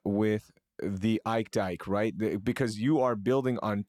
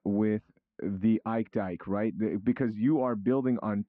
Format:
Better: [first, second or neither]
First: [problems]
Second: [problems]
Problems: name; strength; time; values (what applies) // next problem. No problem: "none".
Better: first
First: none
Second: muffled; very; fading above 2 kHz